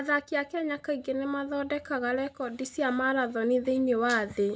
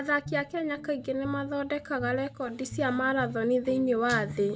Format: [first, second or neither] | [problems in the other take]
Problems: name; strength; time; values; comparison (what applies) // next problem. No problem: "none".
first | background sound (Guitar); 13 dB below the speech